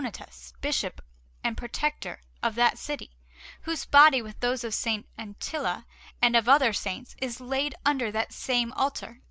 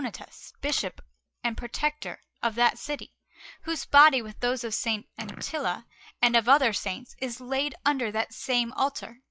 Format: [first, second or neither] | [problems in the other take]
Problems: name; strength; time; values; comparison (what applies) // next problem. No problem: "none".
first | noise reduction (classical method log-MMSE)